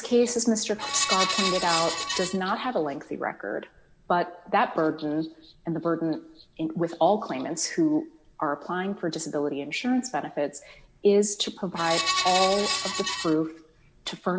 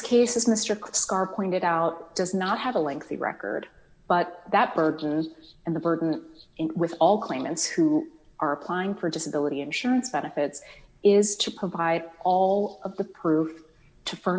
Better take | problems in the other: second | background sound (Screech); 1 dB below the speech

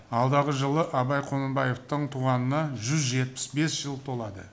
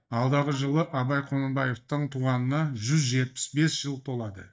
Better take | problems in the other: first | noise reduction (neural mask model DeepFilterNet 3)

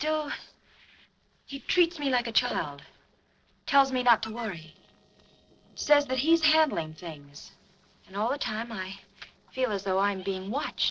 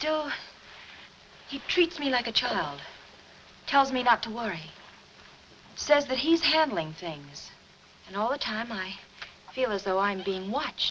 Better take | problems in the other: second | noise reduction (neural separator model SepFormer DNS4)

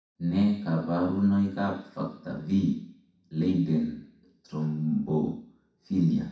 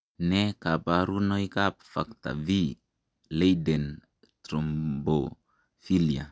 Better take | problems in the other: second | room echo; dies away in 0.6 s

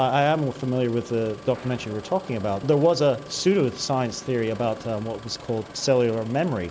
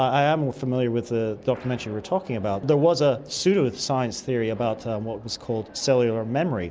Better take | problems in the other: second | background sound (Engine starting); 20 dB below the speech

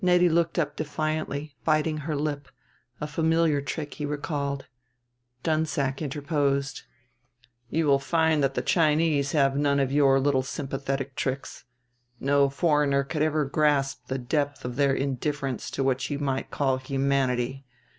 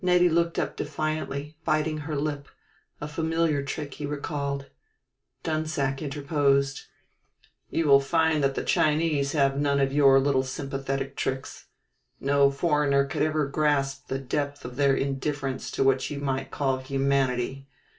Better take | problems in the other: first | room echo; dies away in 0.2 s

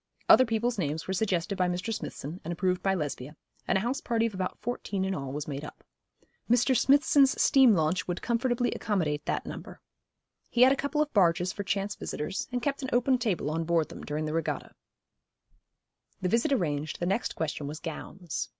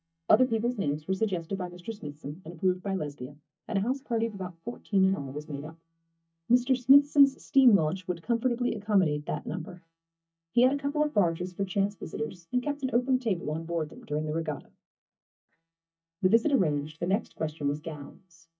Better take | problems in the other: first | noise reduction (neural mask model DeepFilterNet 3)

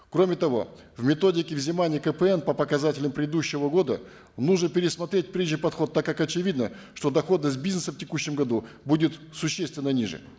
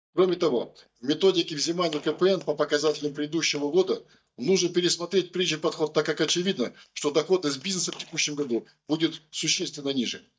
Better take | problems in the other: first | noise reduction (neural mask model DeepFilterNet 3)

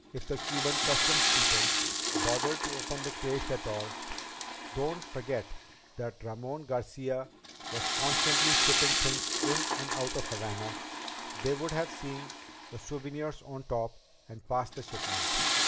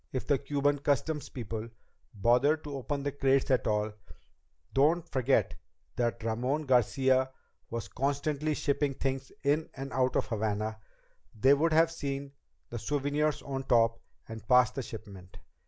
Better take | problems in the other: second | background sound (Toilet flush / Water); 4 dB above the speech

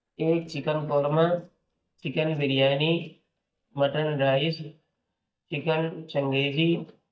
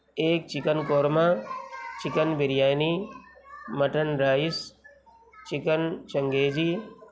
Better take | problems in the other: second | noise reduction (neural mask model DeepFilterNet 3)

